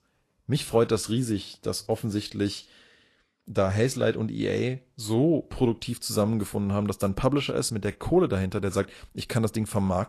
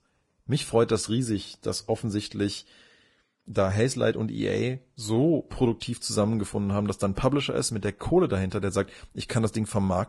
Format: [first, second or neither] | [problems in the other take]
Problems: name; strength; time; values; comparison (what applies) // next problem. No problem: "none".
first | garbled, watery; badly; nothing above 10.5 kHz; slightly in the first